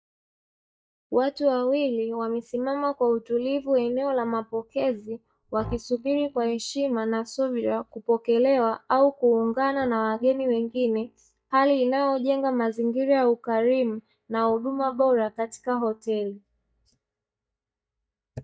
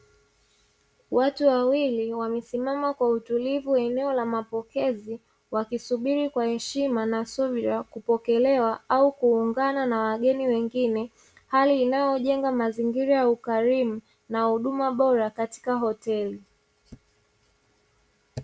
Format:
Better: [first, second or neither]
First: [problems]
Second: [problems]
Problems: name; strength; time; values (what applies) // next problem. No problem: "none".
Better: second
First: noise reduction (neural mask model DeepFilterNet 3)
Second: none